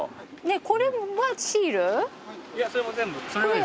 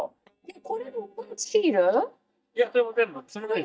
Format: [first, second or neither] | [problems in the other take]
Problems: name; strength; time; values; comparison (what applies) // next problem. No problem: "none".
first | noise reduction (neural mask model DeepFilterNet 3)